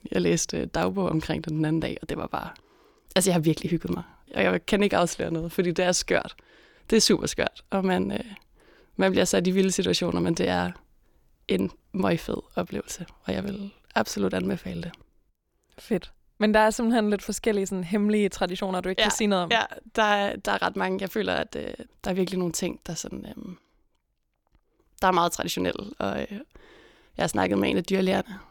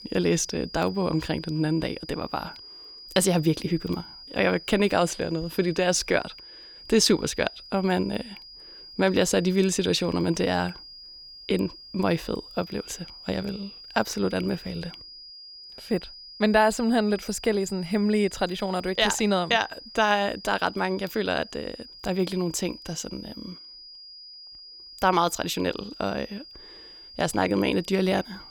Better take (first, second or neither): first